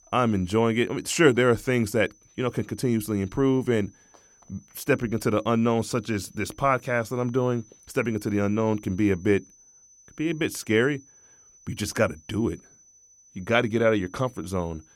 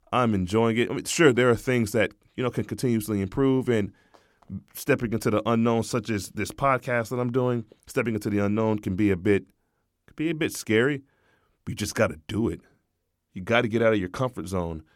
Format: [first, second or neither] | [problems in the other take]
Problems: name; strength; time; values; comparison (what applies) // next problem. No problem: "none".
second | high-pitched whine; faint; throughout; 6 kHz, 30 dB below the speech